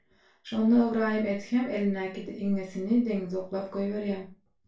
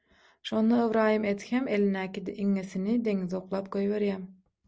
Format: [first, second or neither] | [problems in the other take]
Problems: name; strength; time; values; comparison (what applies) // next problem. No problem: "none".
second | room echo; dies away in 0.3 s